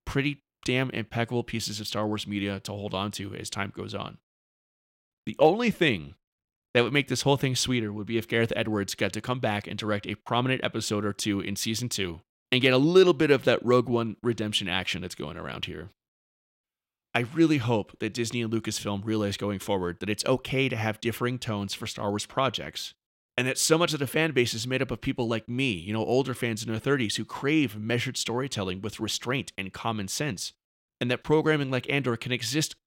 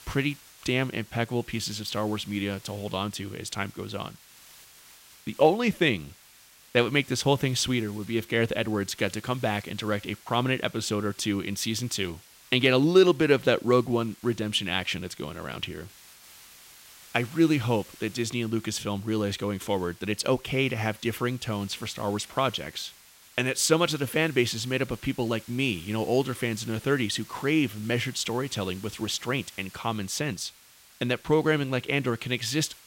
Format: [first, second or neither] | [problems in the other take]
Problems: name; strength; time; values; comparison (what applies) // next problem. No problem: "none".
first | hiss; faint; throughout; 20 dB below the speech